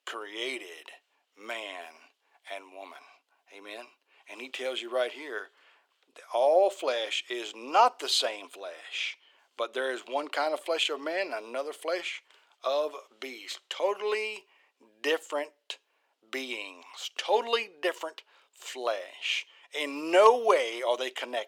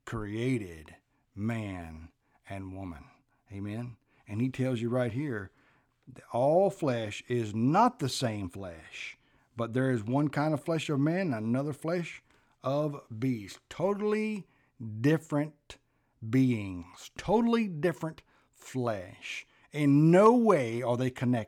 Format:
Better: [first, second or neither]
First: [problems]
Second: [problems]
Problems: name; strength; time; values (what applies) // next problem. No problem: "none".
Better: second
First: thin; very; fading below 450 Hz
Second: none